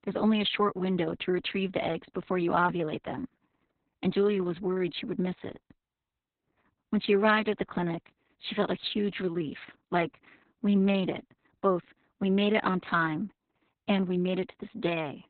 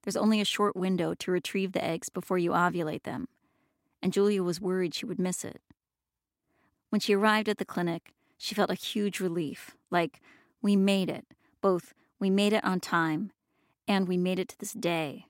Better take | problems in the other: second | garbled, watery; badly; nothing above 4 kHz

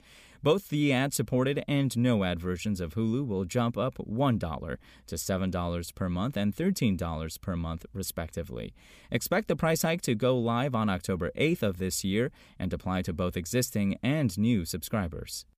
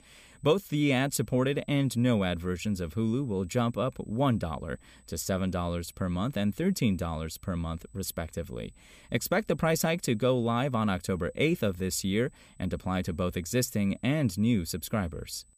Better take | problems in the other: first | high-pitched whine; faint; throughout; 8 kHz, 35 dB below the speech

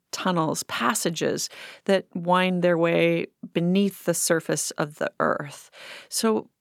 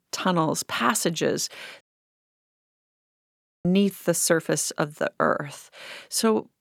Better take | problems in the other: first | audio cutting out; at 2 s for 2 s

